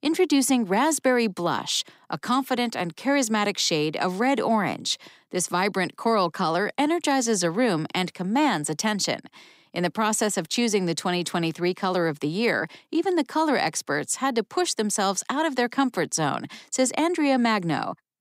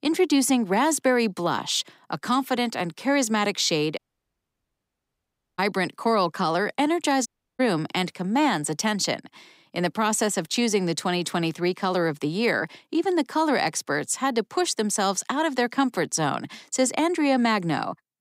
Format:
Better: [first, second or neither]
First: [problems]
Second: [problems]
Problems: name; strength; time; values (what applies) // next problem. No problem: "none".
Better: first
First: none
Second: audio cutting out; at 4 s for 1.5 s and at 7.5 s